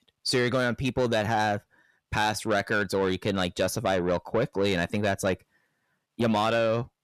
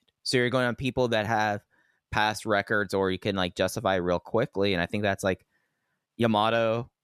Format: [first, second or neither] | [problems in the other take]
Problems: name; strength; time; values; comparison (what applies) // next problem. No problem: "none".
second | distortion; slight; 10 dB below the speech